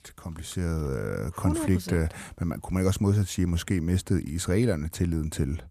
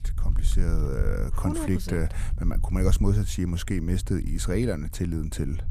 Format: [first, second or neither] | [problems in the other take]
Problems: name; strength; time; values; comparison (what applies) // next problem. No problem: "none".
first | low rumble; noticeable; throughout; 15 dB below the speech